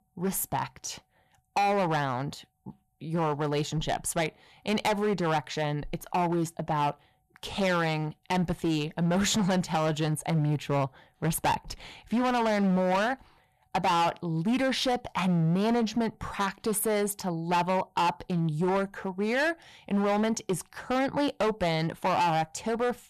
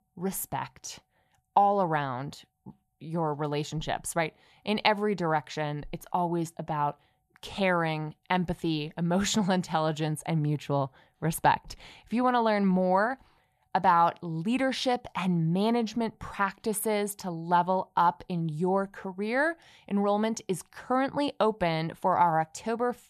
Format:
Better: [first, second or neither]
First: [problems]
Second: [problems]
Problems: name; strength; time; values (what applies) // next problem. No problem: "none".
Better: second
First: distortion; heavy; 13% of the sound clipped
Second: none